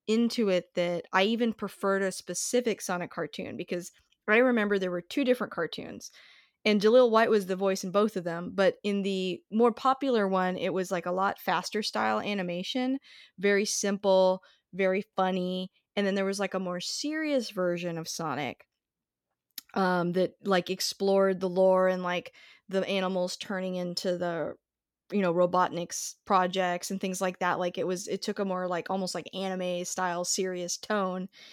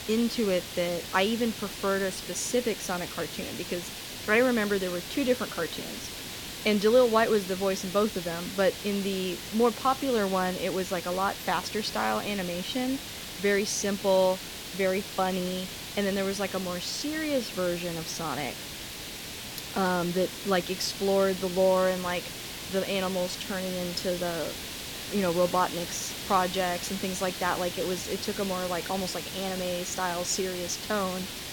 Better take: first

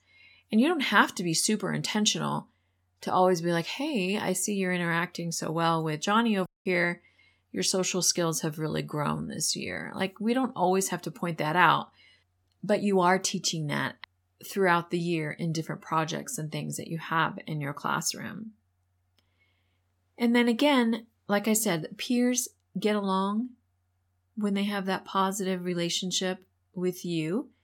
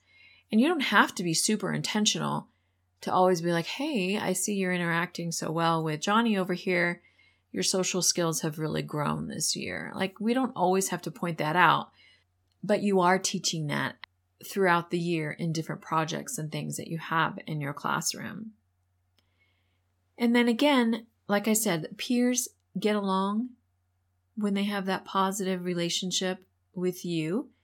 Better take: second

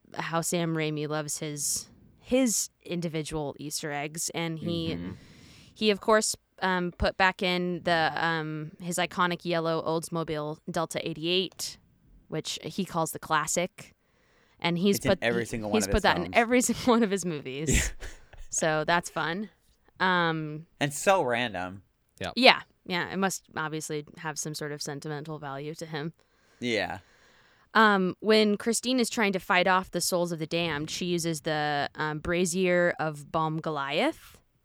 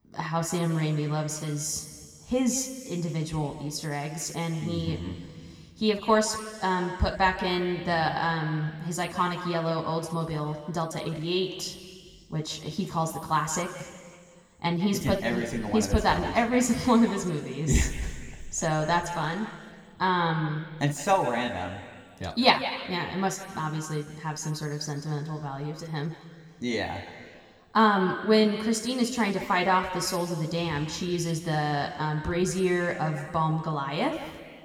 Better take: first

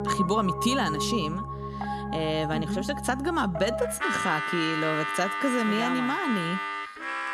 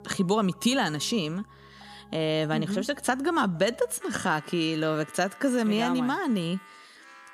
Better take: second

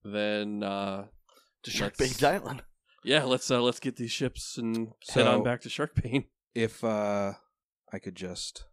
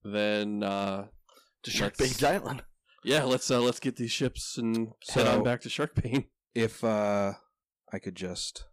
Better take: first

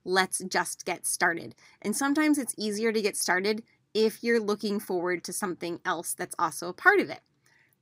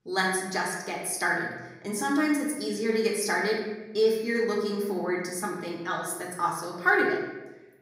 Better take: first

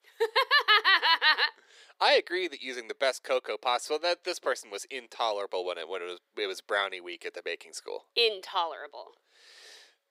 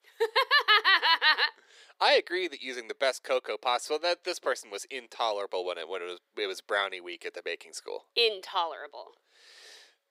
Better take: neither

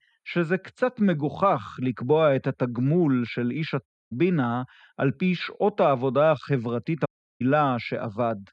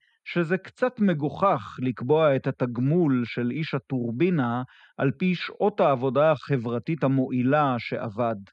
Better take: second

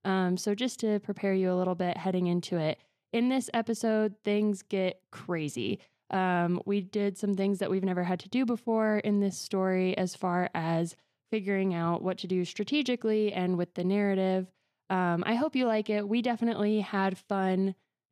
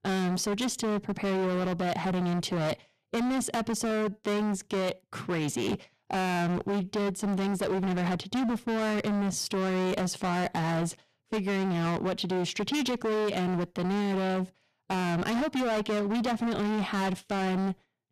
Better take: first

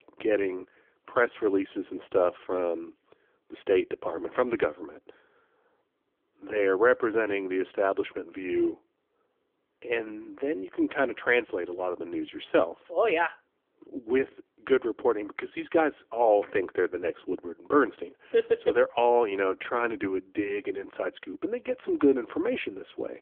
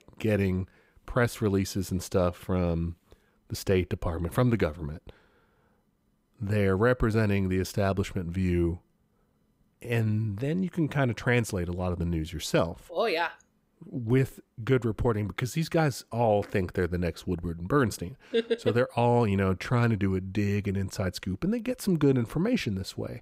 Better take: second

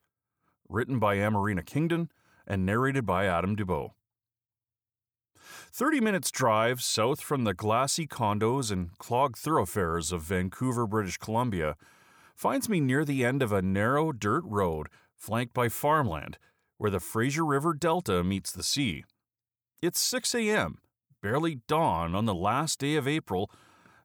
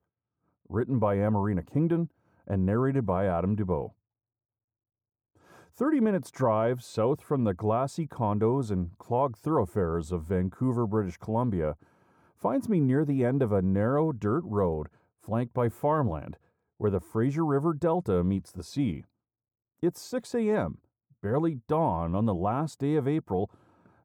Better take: first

